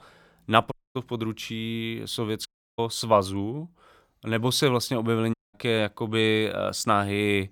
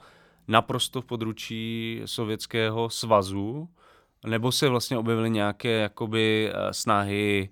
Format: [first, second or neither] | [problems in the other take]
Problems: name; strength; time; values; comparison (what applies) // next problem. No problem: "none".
second | audio cutting out; at 0.5 s, at 2.5 s and at 5.5 s